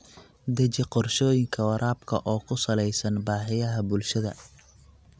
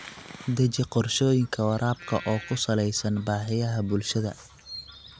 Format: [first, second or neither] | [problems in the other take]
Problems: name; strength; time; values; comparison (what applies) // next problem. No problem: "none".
first | background sound (Bird vocalization, bird call, bird song); 20 dB below the speech